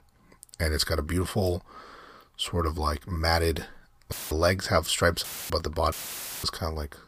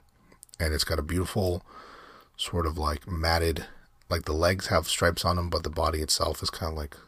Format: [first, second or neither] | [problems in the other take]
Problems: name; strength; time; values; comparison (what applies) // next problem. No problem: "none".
second | audio cutting out; filled with static; at 4 s, at 5 s and at 6 s for 0.5 s